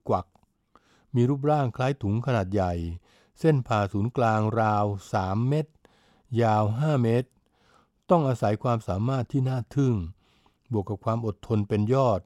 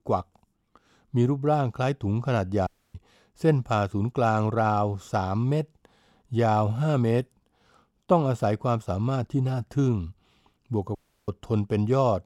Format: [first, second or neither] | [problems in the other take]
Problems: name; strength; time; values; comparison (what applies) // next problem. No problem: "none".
first | audio cutting out; at 2.5 s and at 11 s